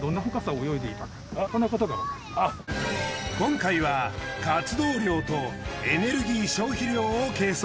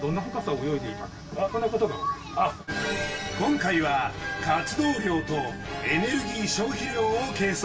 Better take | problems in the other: first | background sound (Engine / Truck / Car); 18 dB below the speech // room echo; dies away in 0.2 s

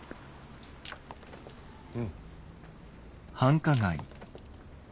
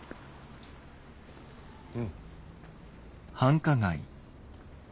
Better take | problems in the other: second | background sound (Shatter); 17 dB below the speech

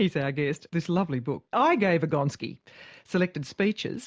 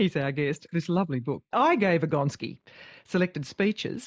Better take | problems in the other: first | noise reduction (neural mask model Resemble Enhance denoiser)

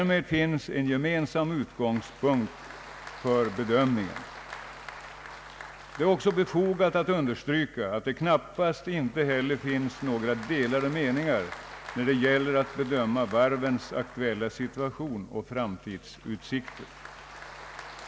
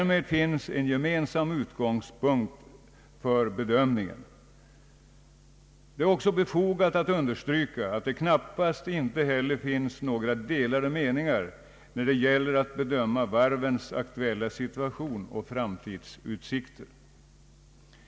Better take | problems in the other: second | background sound (Applause); 17 dB below the speech

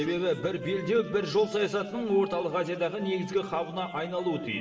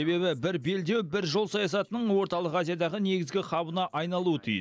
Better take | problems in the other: second | background sound (Wind instrument, woodwind instrument); 17 dB below the speech // room echo; dies away in 1.9 s

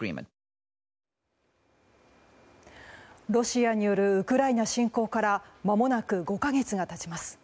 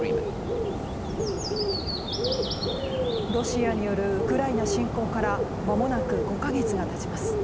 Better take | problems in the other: first | background sound (Bird); 3 dB above the speech

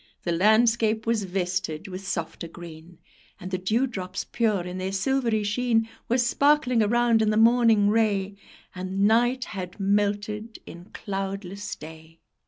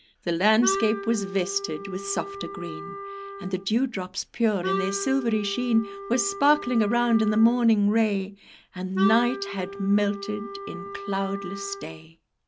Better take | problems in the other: first | background sound (Wind instrument, woodwind instrument); 9 dB below the speech

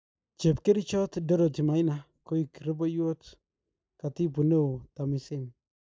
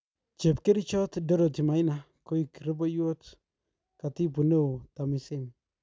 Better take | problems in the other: second | noise reduction (neural mask model Resemble Enhance denoiser)

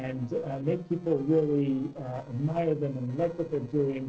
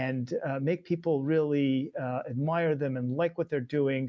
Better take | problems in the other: second | noise reduction (neural separator model SepFormer DNS4)

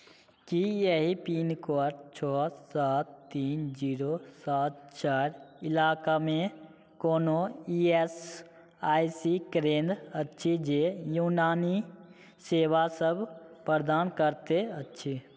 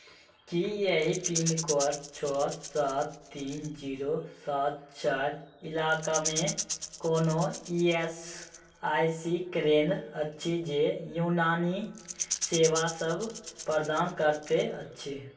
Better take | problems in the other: first | background sound (Rattle / Rattle (instrument)); 9 dB below the speech // room echo; dies away in 0.3 s

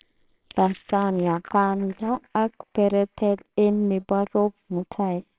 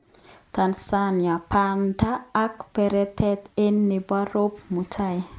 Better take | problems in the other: second | noise reduction (neural separator model SepFormer WHAMR!)

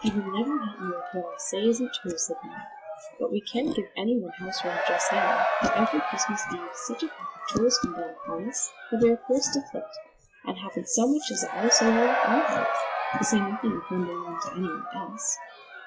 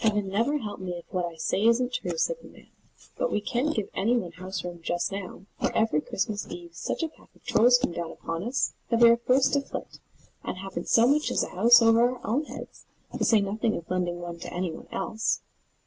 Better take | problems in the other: second | noise reduction (classical method log-MMSE)

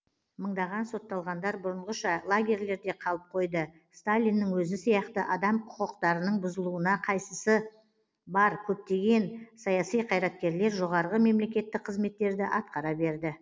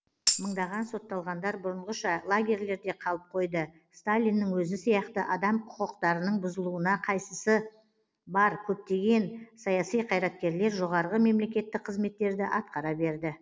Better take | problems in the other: first | background sound (Tambourine); 4 dB below the speech

